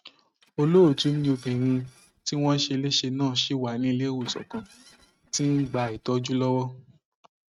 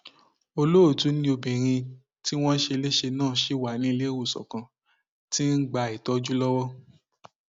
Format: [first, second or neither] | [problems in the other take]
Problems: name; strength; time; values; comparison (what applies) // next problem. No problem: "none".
second | noise reduction (neural mask model RNNoise)